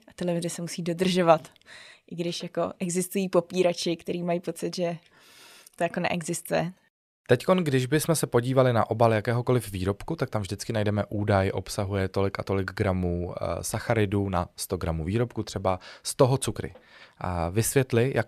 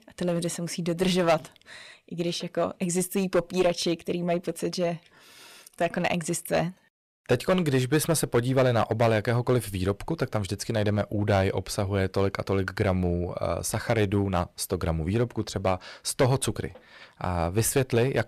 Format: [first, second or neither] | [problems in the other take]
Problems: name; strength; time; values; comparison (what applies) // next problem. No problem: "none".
first | distortion; slight; 5% of the sound clipped